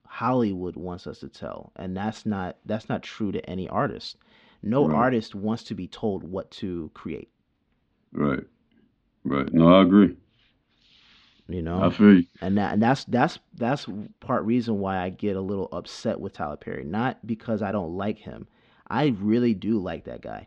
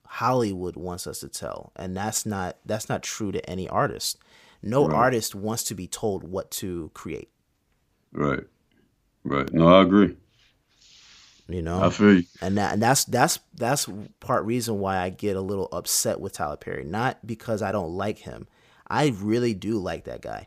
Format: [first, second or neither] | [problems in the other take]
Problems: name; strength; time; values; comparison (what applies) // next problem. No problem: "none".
second | muffled; slightly; fading above 3.5 kHz